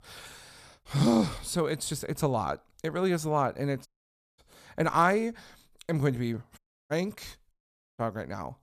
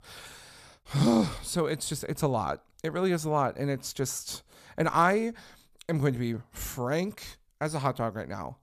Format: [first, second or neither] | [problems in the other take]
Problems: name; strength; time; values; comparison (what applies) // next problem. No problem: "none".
second | audio cutting out; at 4 s for 0.5 s, at 6.5 s and at 7.5 s